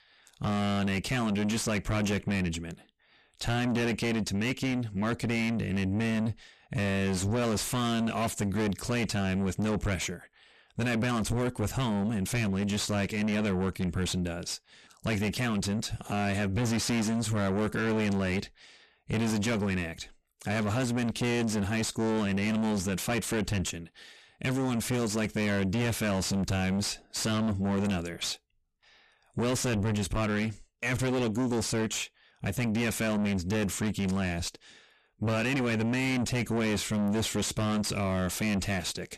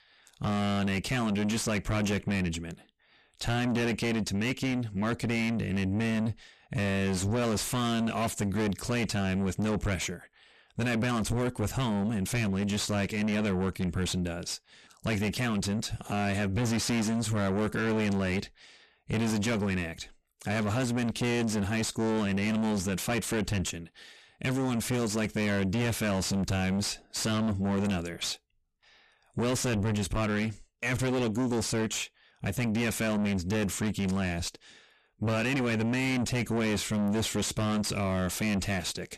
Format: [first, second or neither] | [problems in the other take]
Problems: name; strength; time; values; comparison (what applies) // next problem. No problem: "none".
neither | distortion; heavy; 5 dB below the speech; the same in both